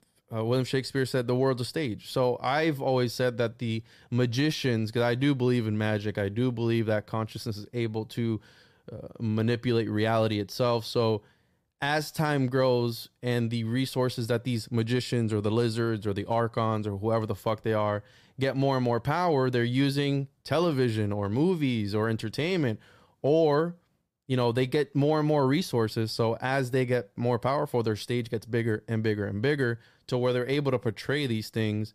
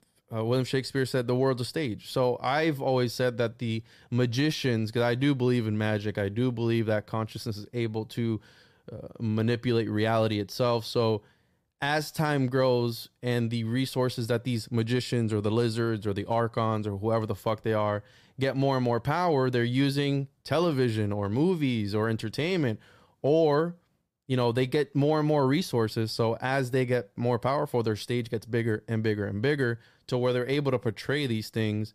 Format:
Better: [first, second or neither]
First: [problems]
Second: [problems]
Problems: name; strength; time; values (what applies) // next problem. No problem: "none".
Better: neither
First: none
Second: none